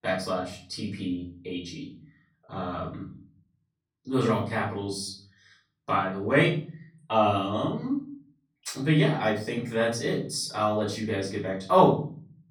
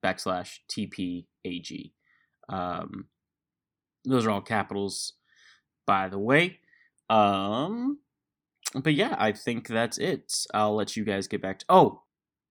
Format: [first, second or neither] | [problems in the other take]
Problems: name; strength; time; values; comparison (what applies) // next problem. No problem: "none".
second | off-mic speech; far // room echo; slight; dies away in 0.6 s